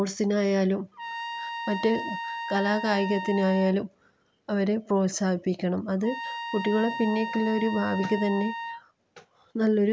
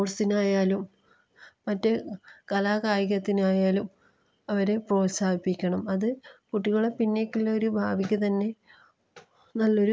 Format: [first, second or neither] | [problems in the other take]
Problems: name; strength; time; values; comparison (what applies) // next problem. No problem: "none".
second | background sound (Trumpet); 8 dB below the speech